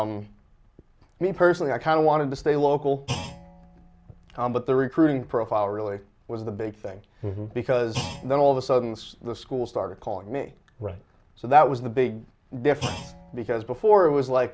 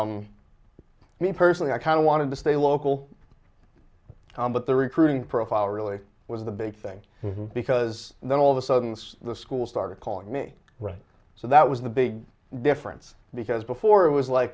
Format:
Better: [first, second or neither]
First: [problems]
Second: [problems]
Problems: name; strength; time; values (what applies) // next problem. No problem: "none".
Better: second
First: background sound (Thump, thud); 17 dB below the speech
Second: none